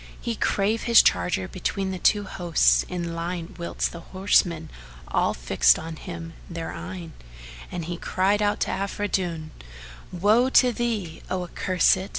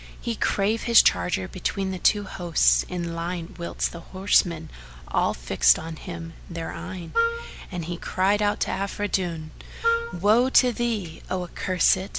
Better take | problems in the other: first | background sound (Wind instrument, woodwind instrument); 2 dB below the speech

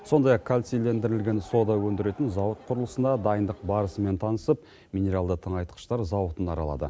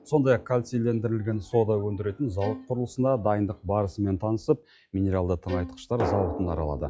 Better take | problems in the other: first | noise reduction (classical method log-MMSE)

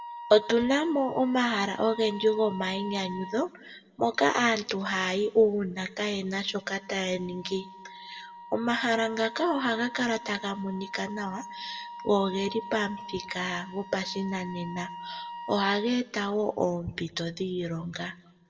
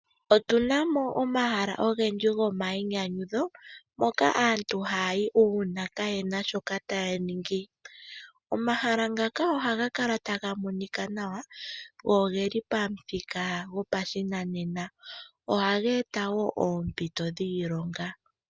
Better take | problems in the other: second | background sound (Wind instrument, woodwind instrument); 15 dB below the speech // room echo; dies away in 0.7 s

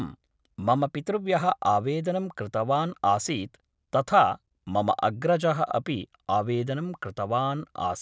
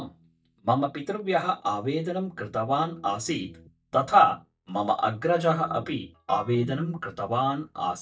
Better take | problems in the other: first | noise reduction (neural mask model DeepFilterNet 3)

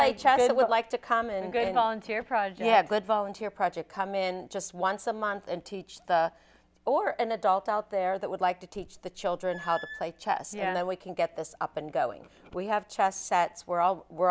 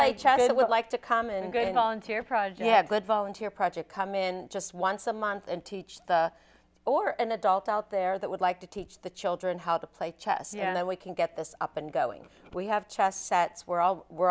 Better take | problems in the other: second | background sound (Squeak / Screech); 18 dB below the speech

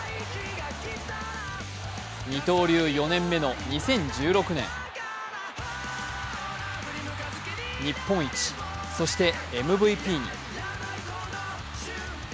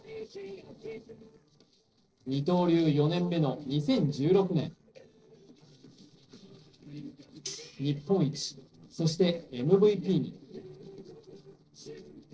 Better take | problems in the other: first | noise reduction (neural separator model SepFormer DNS4)

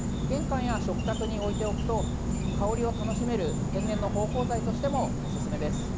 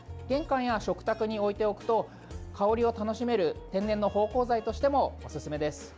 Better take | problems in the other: second | background sound (Insect); 3 dB above the speech

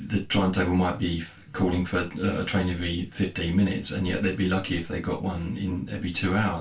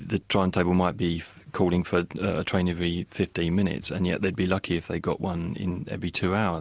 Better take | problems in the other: second | room echo; dies away in 0.2 s

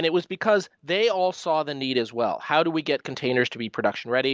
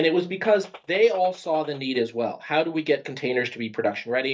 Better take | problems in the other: first | noise reduction (neural mask model DeepFilterNet 3)

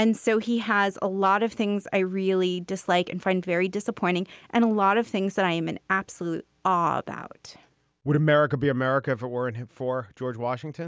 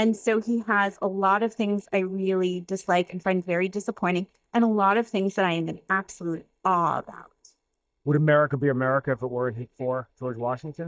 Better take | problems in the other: first | noise reduction (neural mask model DeepFilterNet 3)

